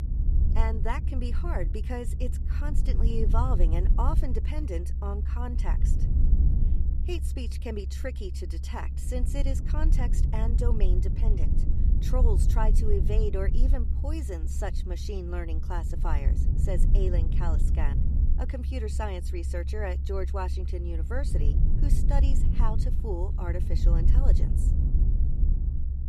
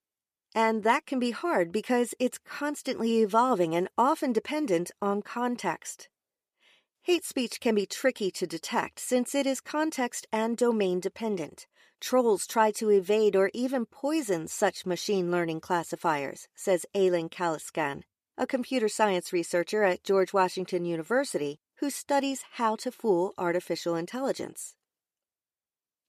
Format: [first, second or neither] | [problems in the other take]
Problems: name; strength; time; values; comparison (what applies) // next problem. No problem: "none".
second | low rumble; loud; throughout; 7 dB below the speech